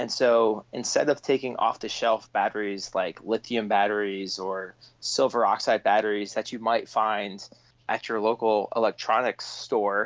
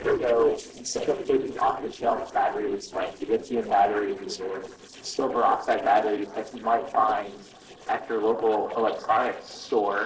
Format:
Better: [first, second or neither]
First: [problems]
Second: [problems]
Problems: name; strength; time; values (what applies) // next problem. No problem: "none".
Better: first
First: none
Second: noise reduction (neural separator model SepFormer DNS4)